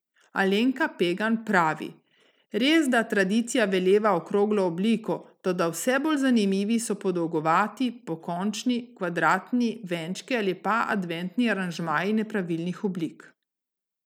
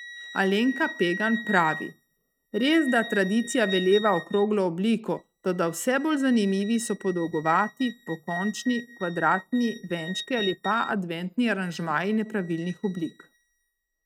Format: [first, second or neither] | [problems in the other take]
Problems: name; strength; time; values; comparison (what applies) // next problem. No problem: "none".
first | noise reduction (neural mask model RNNoise)